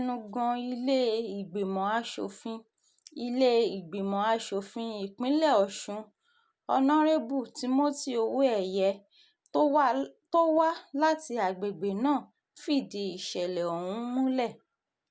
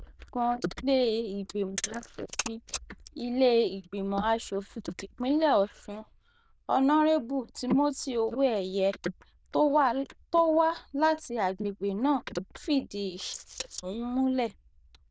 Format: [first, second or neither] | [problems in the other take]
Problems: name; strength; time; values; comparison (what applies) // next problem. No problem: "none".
first | noise reduction (neural diffusion model UNIVERSE++)